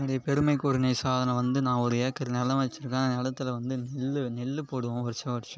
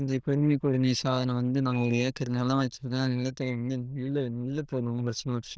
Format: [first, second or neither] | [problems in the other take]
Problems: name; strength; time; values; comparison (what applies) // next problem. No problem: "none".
first | noise reduction (neural diffusion model UNIVERSE++)